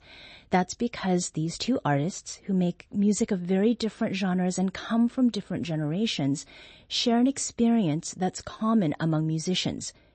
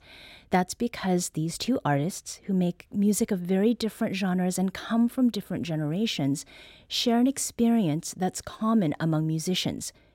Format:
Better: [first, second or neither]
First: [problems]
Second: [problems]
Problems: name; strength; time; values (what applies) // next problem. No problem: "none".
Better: second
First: garbled, watery; slightly; nothing above 8 kHz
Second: none